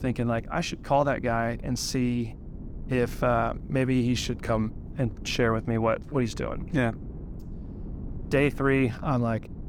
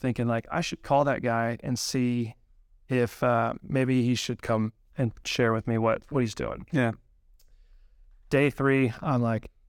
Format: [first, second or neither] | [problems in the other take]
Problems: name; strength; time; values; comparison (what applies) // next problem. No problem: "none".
second | wind noise on the microphone; occasional gusts; 20 dB below the speech